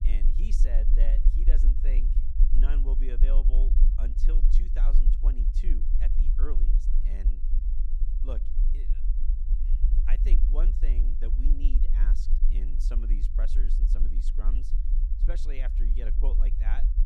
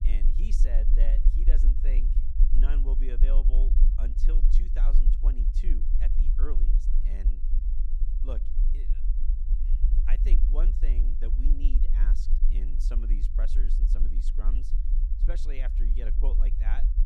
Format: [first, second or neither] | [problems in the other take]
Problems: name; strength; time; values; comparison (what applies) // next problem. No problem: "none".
neither | low rumble; loud; throughout; 5 dB below the speech; the same in both